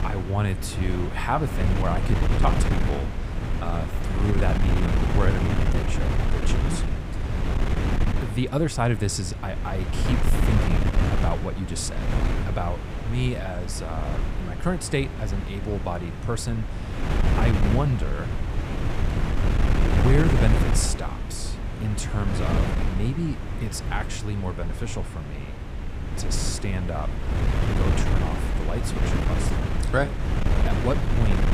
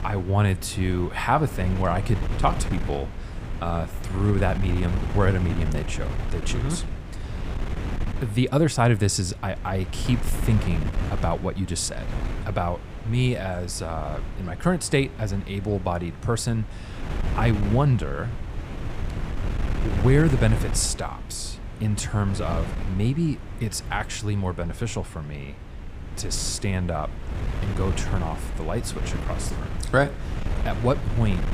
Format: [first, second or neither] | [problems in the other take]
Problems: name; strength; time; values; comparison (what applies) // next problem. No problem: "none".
second | wind noise on the microphone; heavy; 2 dB below the speech; occasional gusts in the second